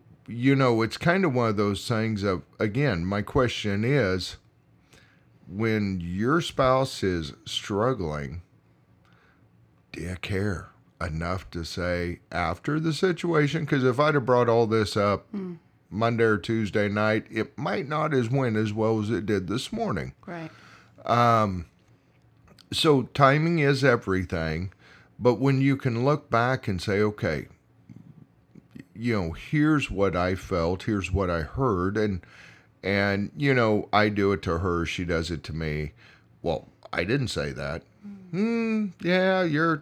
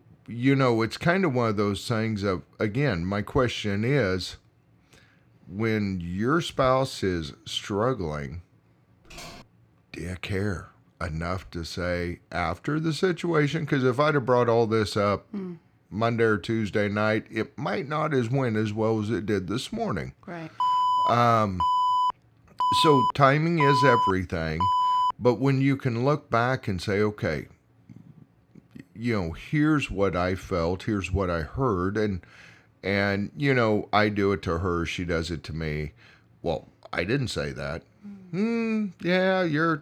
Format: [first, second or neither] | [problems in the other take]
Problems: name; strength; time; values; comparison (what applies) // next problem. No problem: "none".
first | keyboard typing; faint; at 9 s; peak 15 dB below the speech // alarm; loud; from 21 to 25 s; peak 3 dB above the speech